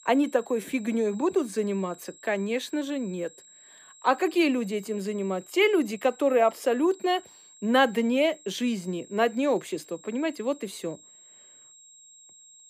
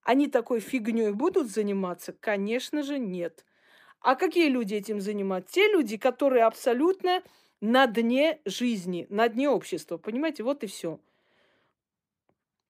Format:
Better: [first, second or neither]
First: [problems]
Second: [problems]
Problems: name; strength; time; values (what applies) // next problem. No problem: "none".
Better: second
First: high-pitched whine; faint; throughout; 7.5 kHz, 25 dB below the speech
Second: none